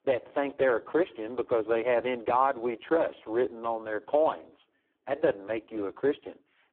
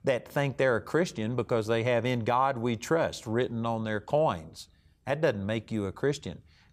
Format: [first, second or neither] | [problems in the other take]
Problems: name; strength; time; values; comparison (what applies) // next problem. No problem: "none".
second | phone-call audio; poor line